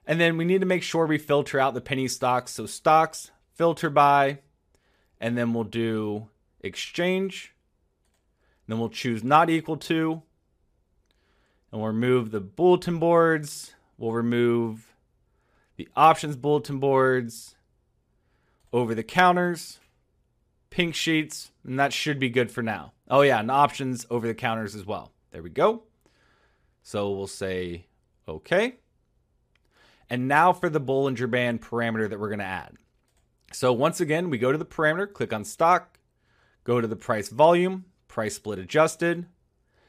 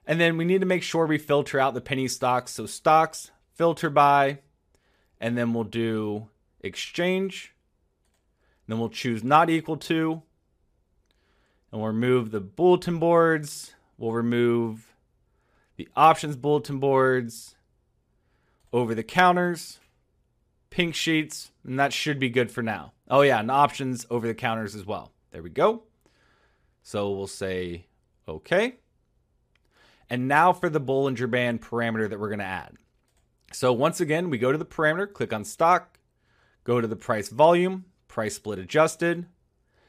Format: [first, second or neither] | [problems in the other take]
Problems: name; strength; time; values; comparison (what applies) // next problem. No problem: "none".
neither | none